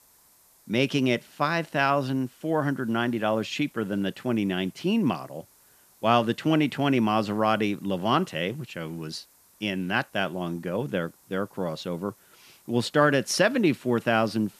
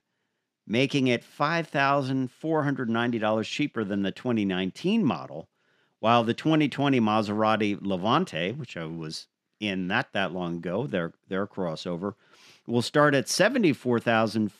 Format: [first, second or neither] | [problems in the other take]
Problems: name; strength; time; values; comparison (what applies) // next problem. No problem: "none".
second | hiss; faint; throughout; 30 dB below the speech